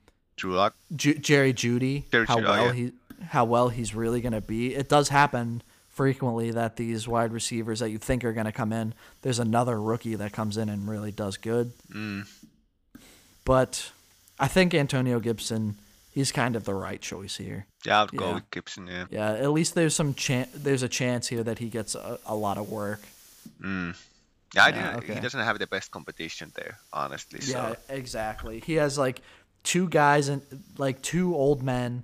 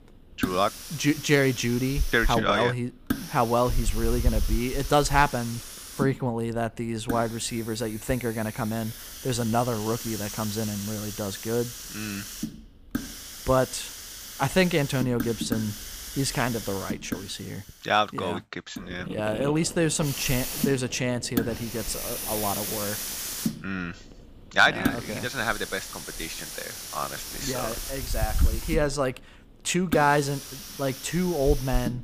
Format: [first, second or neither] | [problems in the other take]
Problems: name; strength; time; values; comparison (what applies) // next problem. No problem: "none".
first | hiss; loud; throughout; 6 dB below the speech; faint in the first